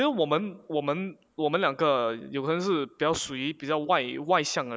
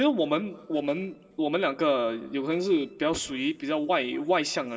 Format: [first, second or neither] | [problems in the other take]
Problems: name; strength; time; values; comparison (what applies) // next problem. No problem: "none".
first | noise reduction (neural separator model SepFormer DNS4)